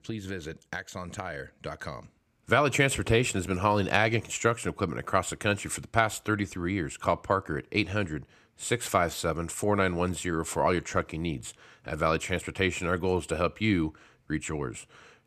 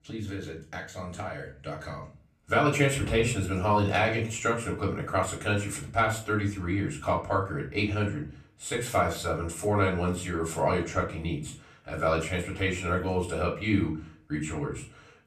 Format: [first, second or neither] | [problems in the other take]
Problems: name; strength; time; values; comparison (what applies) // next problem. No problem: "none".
first | off-mic speech; far // room echo; slight; dies away in 0.3 s